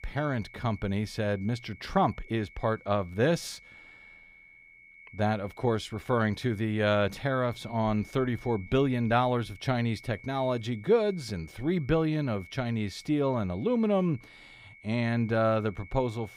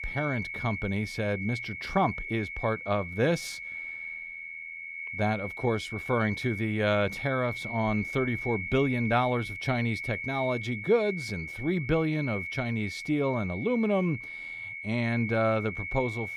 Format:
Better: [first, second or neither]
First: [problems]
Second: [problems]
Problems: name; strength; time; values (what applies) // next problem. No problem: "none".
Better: first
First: high-pitched whine; faint; throughout; 2 kHz, 20 dB below the speech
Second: high-pitched whine; loud; throughout; 2 kHz, 6 dB below the speech